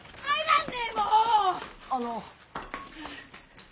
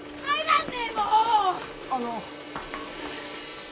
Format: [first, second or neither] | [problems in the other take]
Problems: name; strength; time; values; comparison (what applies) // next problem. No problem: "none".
first | background sound (Gong); 12 dB below the speech